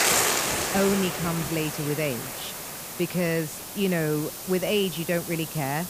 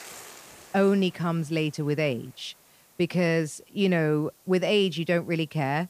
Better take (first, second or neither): second